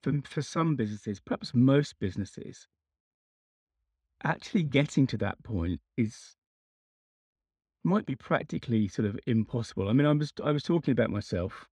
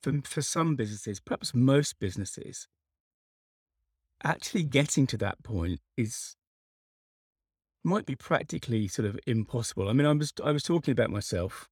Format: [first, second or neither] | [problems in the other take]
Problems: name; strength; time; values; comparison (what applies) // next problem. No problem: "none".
second | muffled; slightly; fading above 3.5 kHz